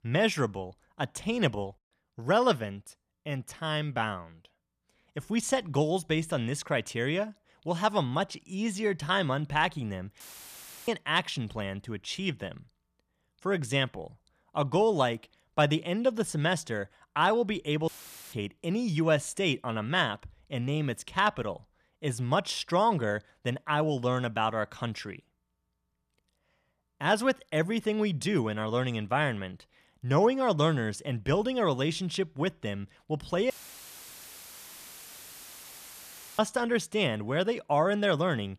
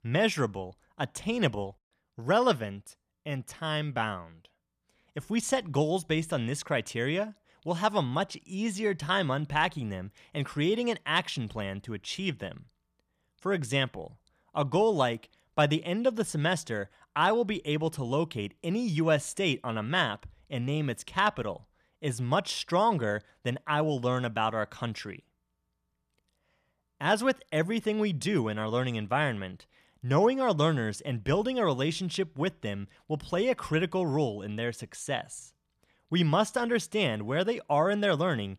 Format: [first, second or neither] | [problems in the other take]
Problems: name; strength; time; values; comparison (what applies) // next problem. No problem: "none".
second | audio cutting out; filled with static; at 10 s for 0.5 s, at 18 s and at 34 s for 3 s